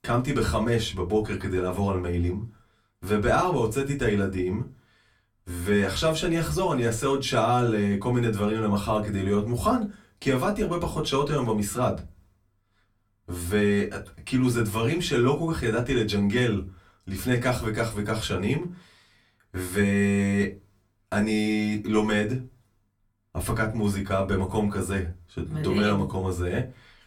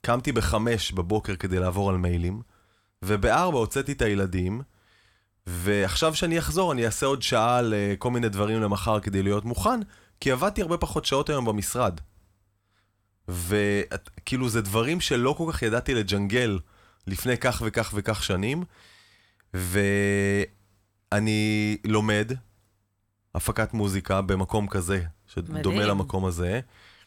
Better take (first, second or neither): second